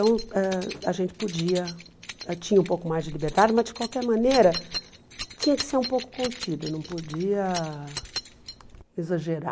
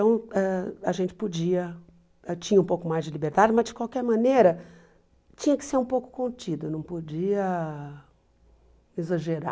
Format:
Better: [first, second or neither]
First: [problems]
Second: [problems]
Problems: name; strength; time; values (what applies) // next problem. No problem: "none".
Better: second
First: background sound (Keys jangling); 12 dB below the speech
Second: none